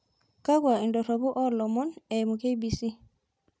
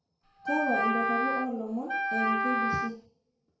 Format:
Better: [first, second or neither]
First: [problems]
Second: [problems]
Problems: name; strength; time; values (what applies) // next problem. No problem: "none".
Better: first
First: none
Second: background sound (Wind instrument, woodwind instrument); 4 dB above the speech // room echo; dies away in 0.5 s